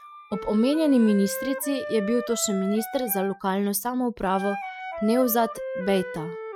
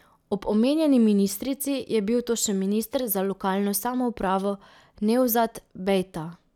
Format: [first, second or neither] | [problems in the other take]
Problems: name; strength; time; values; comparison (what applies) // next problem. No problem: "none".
second | noise reduction (classical method Wiener filter)